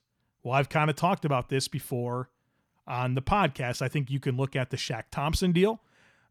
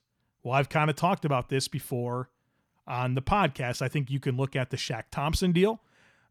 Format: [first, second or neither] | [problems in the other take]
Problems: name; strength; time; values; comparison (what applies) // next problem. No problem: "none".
neither | none